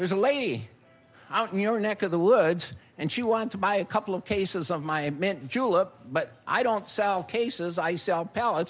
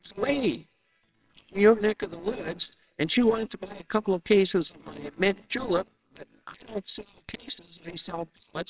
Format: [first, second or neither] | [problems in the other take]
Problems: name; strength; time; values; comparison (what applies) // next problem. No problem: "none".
first | noise reduction (neural separator model SepFormer WHAMR!)